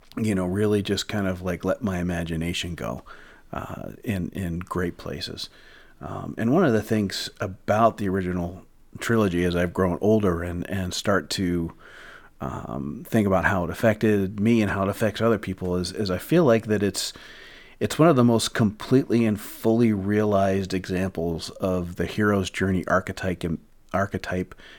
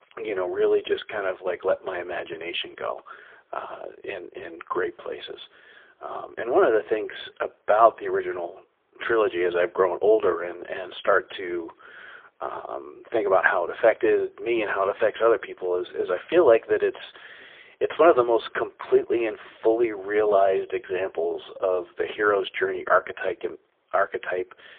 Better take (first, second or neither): first